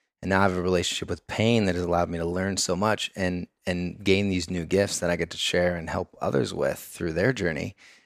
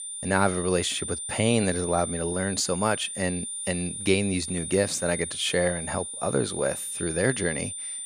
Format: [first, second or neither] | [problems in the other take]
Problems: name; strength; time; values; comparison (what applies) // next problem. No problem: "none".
first | high-pitched whine; loud; throughout; 9 kHz, 5 dB below the speech